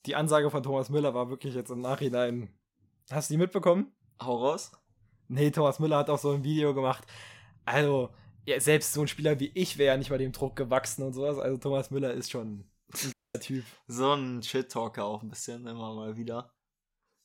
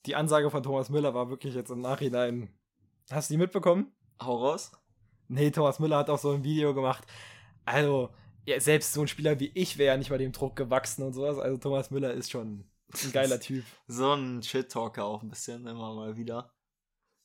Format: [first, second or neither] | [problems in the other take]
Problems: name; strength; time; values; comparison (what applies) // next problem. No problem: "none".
second | audio cutting out; at 13 s